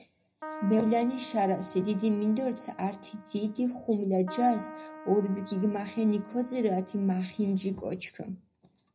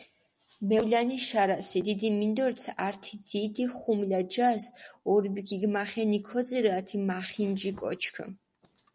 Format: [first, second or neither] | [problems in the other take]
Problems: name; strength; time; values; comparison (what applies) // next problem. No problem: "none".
second | background sound (Keyboard (musical)); 16 dB below the speech // room echo; dies away in 0.3 s